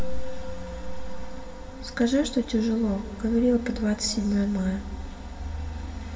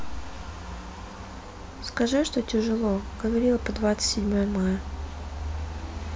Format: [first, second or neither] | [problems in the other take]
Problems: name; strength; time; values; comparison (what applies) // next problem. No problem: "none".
second | background sound (Musical instrument); 20 dB below the speech // room echo; dies away in 2.7 s